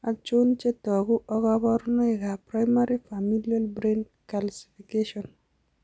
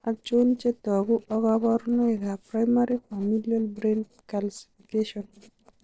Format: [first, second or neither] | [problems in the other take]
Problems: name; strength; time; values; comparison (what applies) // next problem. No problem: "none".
first | noise reduction (neural separator model SepFormer DNS4)